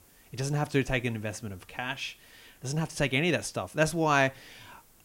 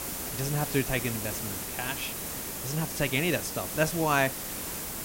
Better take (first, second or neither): first